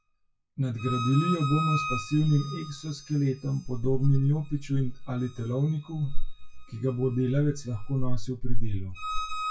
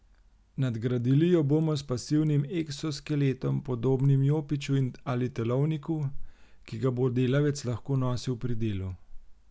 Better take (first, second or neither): second